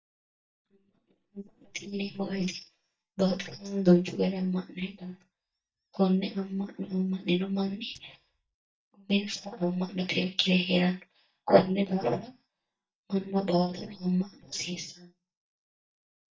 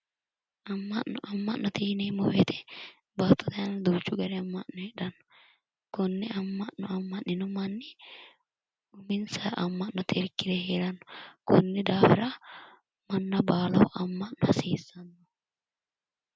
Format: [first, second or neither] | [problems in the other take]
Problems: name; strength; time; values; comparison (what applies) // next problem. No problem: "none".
second | noise reduction (neural mask model DeepFilterNet 3)